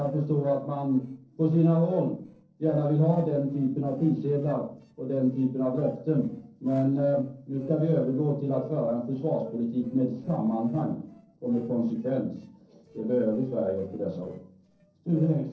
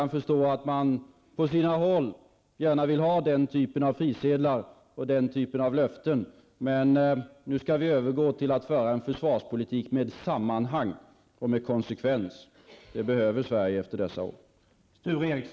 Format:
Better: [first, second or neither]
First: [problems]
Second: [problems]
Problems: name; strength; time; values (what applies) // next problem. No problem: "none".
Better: second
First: noise reduction (neural separator model SepFormer DNS4)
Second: none